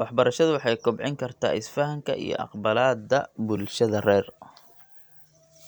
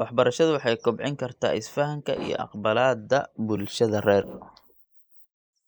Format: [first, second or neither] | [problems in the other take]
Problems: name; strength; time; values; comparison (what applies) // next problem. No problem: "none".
first | noise reduction (neural mask model Resemble Enhance denoiser)